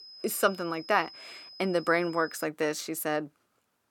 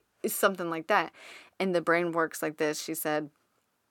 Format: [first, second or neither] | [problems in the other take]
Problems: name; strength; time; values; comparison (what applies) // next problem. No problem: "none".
second | high-pitched whine; noticeable; until 2.5 s; 5 kHz, 15 dB below the speech